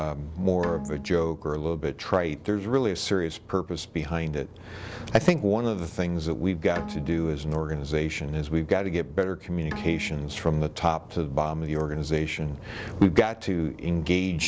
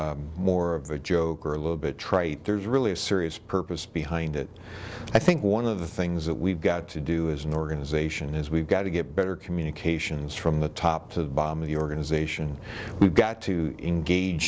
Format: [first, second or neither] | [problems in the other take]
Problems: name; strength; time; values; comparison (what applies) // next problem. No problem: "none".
second | background sound (Bowed string instrument); 16 dB below the speech